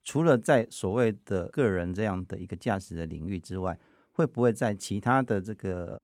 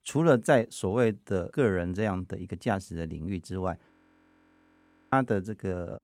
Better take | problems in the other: first | audio freezing; at 4 s for 1 s

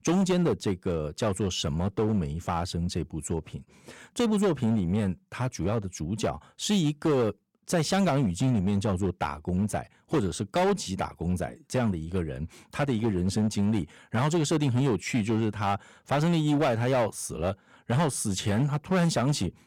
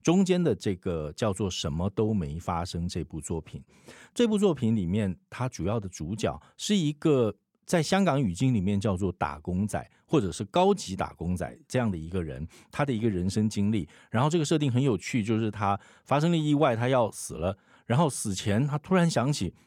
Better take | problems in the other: second | distortion; slight; 11% of the sound clipped

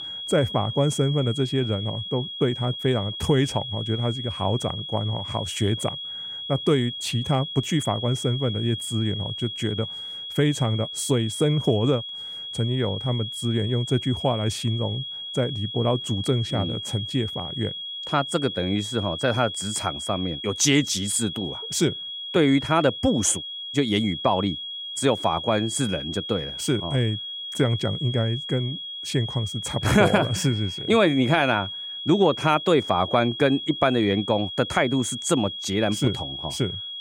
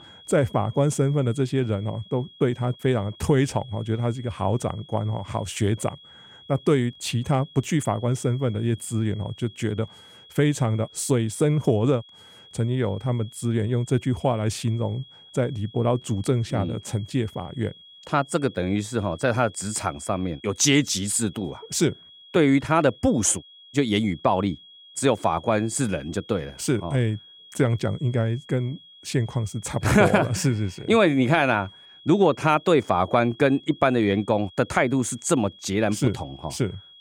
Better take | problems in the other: second | high-pitched whine; loud; throughout; 3.5 kHz, 7 dB below the speech; faint in the second

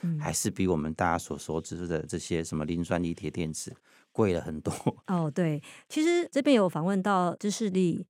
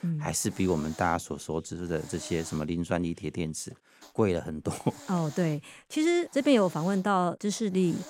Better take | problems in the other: first | hiss; noticeable; until 3 s and from 4 s on; 20 dB below the speech

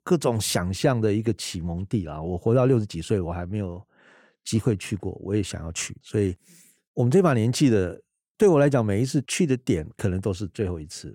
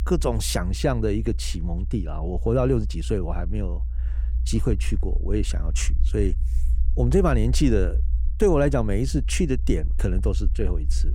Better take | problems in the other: first | low rumble; faint; throughout; 20 dB below the speech

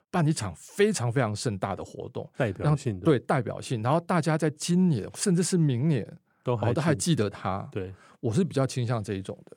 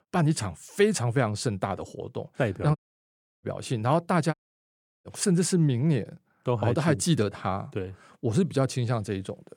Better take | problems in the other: first | audio cutting out; at 3 s for 0.5 s and at 4.5 s for 0.5 s

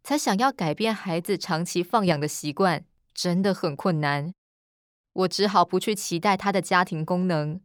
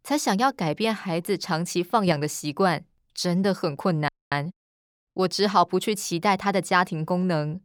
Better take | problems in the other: first | audio freezing; at 4 s

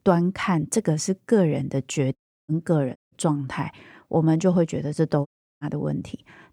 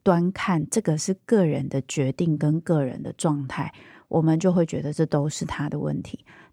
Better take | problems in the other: second | audio cutting out; at 2 s, at 3 s and at 5.5 s

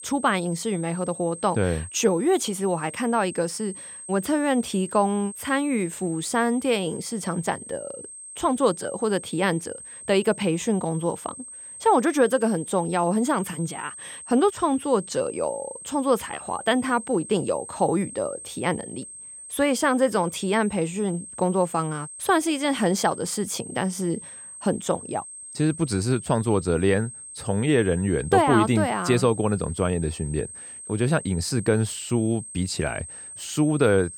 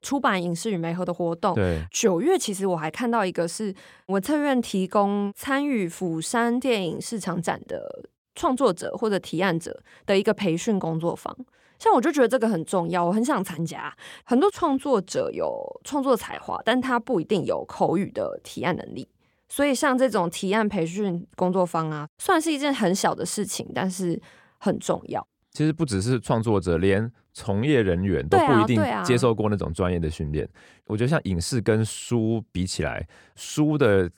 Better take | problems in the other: second | high-pitched whine; noticeable; throughout; 8.5 kHz, 15 dB below the speech

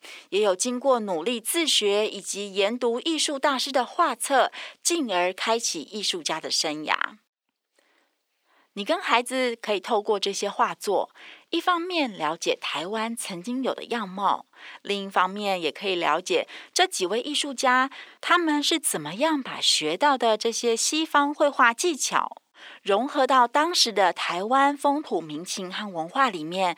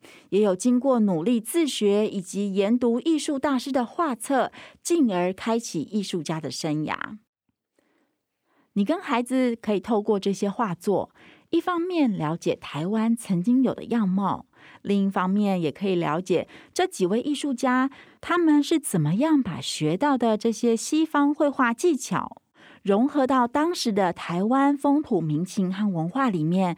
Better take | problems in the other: second | thin; somewhat; fading below 550 Hz

